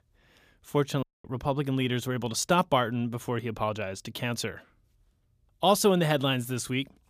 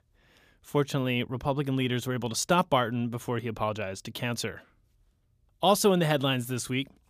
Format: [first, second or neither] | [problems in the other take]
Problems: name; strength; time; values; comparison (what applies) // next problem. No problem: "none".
second | audio cutting out; at 1 s